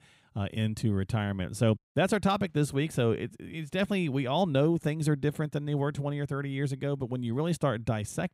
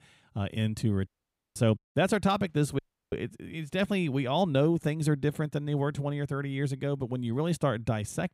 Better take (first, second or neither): first